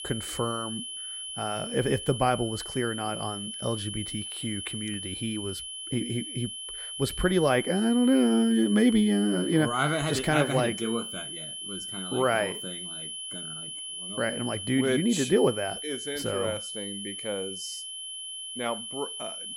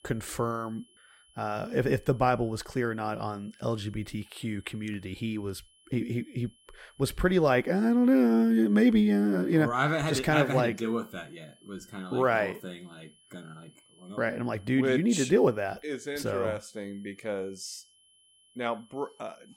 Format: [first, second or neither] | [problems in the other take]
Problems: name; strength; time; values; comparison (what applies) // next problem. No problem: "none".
second | high-pitched whine; loud; throughout; 3 kHz, 7 dB below the speech; faint in the second